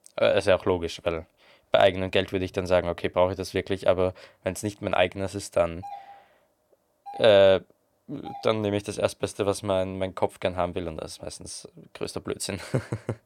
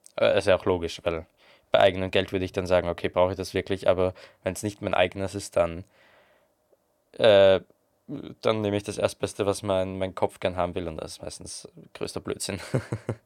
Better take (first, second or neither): second